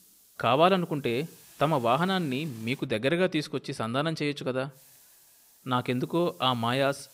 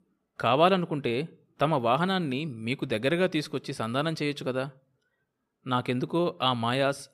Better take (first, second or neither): second